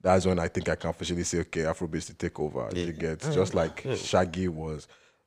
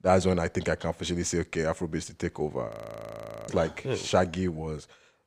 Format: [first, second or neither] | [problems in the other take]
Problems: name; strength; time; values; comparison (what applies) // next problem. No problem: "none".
first | audio freezing; at 2.5 s for 1 s